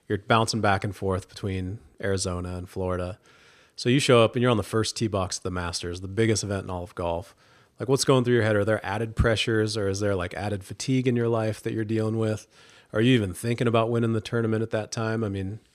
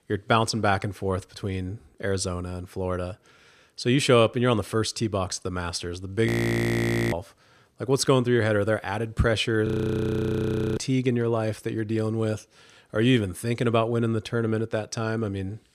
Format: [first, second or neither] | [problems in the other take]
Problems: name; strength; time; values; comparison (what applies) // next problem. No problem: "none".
first | audio freezing; at 6.5 s for 1 s and at 9.5 s for 1 s